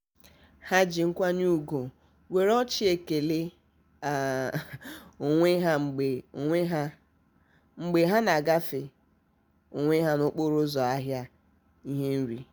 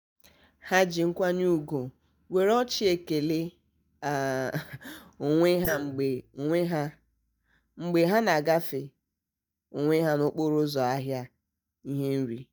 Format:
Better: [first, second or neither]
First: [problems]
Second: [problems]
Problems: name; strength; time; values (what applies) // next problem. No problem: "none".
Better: first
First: none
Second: noise reduction (neural mask model DeepFilterNet 3)